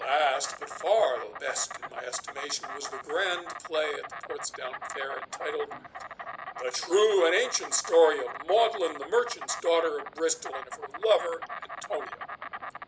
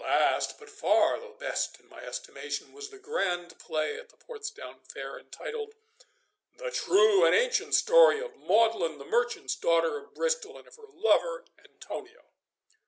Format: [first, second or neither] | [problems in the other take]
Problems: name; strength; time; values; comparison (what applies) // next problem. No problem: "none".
second | background sound (Insect); 11 dB below the speech